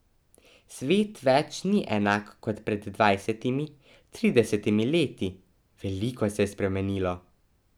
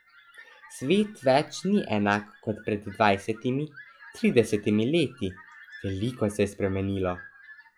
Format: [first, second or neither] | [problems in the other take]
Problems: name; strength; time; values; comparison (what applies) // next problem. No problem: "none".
first | noise reduction (classical method log-MMSE)